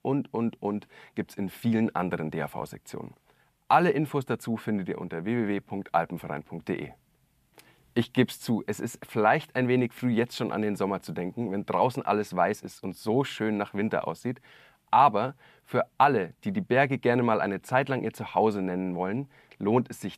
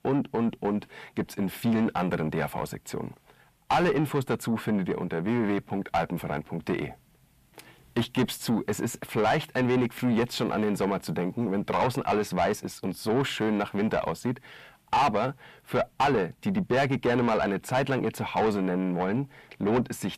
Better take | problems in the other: first | distortion; heavy; 7 dB below the speech

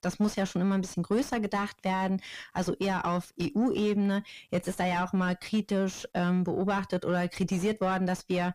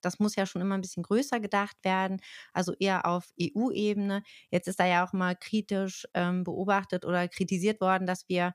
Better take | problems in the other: second | distortion; heavy; 7 dB below the speech

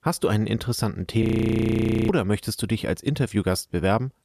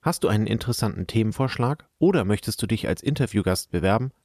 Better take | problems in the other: second | audio freezing; at 1 s for 1 s

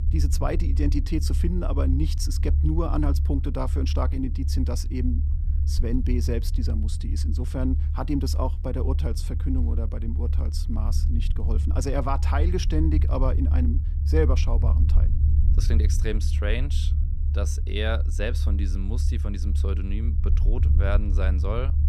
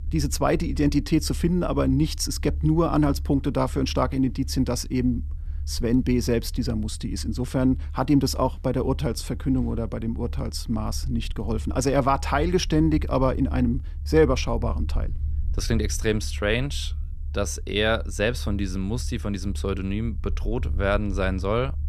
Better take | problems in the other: second | low rumble; loud; throughout; 9 dB below the speech; faint in the second

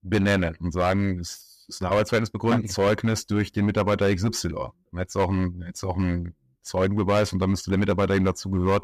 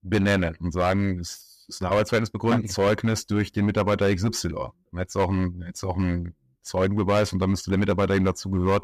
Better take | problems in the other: neither | distortion; slight; 6% of the sound clipped; the same in both

